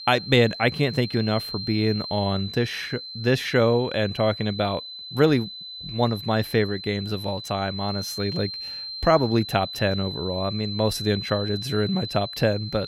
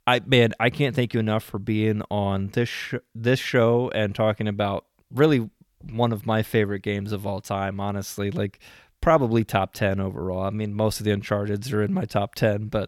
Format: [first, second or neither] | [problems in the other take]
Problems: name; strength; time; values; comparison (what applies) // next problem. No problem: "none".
second | high-pitched whine; loud; throughout; 4 kHz, 9 dB below the speech